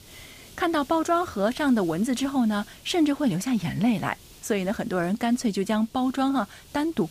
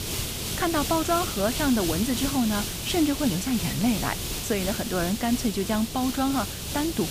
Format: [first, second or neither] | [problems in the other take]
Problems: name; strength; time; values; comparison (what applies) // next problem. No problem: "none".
first | hiss; loud; throughout; 3 dB below the speech; faint in the first